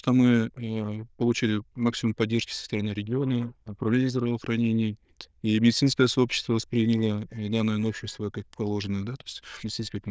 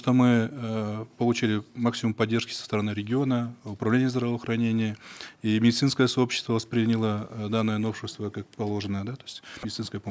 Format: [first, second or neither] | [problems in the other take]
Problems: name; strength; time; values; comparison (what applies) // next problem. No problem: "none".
second | noise reduction (neural diffusion model UNIVERSE++)